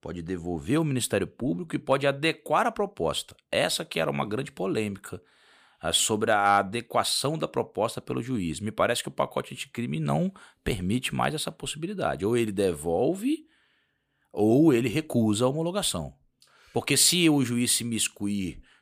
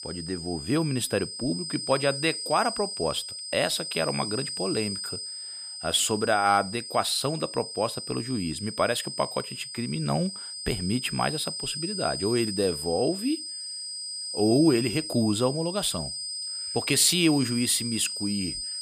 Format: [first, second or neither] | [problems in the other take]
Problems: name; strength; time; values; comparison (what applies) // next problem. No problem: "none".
first | high-pitched whine; loud; throughout; 5 kHz, 6 dB below the speech